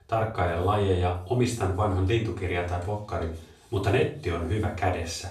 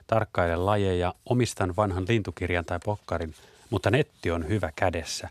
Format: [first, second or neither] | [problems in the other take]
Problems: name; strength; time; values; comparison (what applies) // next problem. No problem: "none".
second | room echo; slight; dies away in 0.4 s // off-mic speech; far